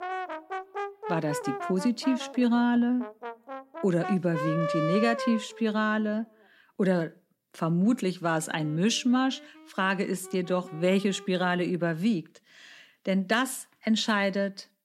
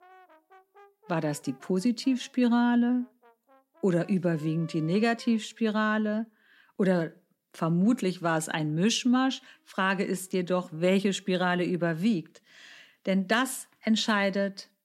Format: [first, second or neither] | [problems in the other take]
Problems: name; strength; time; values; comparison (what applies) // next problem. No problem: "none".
second | background music; loud; until 12 s; 8 dB below the speech; faint in the second